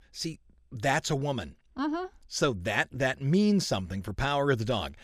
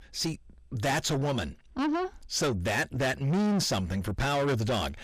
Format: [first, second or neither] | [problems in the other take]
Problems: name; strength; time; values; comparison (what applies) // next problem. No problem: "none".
first | distortion; heavy; 7 dB below the speech